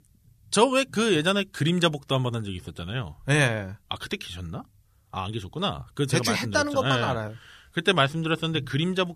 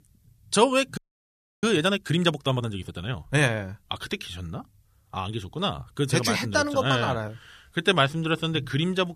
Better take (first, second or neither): first